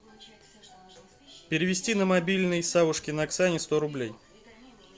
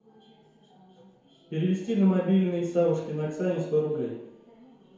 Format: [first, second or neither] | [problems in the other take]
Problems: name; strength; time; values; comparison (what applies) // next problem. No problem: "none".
first | room echo; dies away in 0.9 s